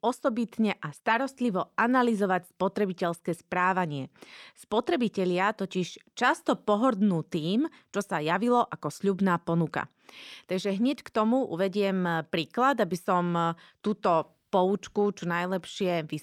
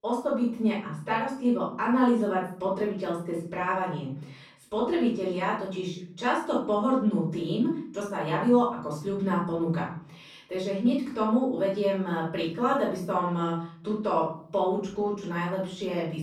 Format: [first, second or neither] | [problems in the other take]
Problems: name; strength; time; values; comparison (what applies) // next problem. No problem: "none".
first | off-mic speech; far // room echo; noticeable; dies away in 0.7 s